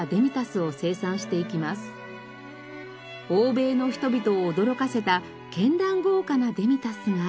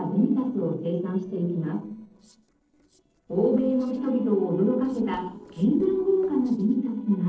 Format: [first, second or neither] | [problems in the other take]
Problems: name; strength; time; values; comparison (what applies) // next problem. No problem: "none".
first | noise reduction (neural separator model SepFormer DNS4)